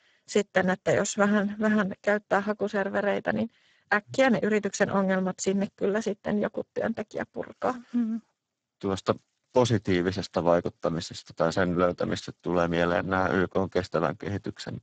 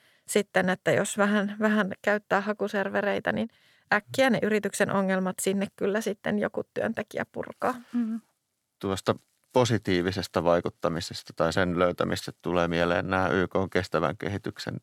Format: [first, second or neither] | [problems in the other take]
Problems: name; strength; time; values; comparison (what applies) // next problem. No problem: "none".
second | garbled, watery; badly; nothing above 7.5 kHz